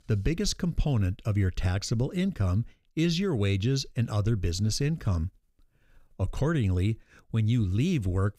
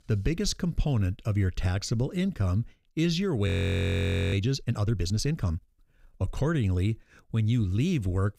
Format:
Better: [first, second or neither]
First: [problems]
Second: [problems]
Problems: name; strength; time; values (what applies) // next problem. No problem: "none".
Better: first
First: none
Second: audio freezing; at 3.5 s for 1 s